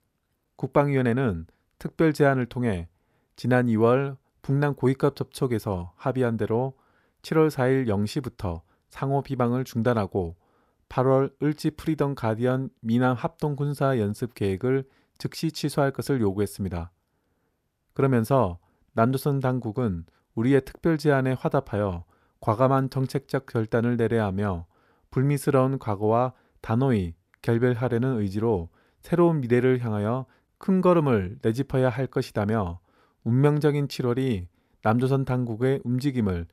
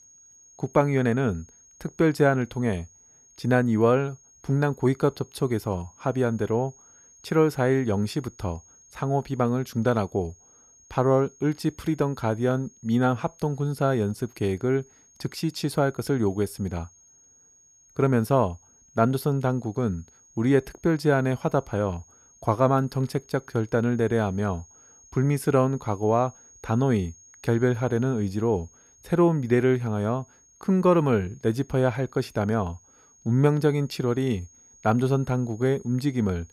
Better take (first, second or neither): first